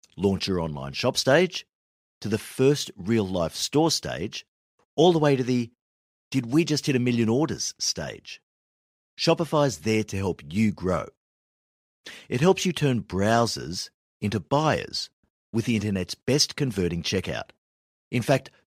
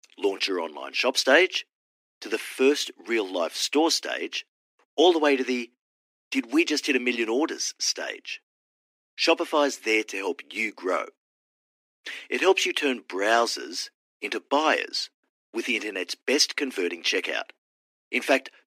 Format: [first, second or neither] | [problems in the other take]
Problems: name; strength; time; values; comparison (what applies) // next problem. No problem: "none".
first | thin; somewhat; fading below 250 Hz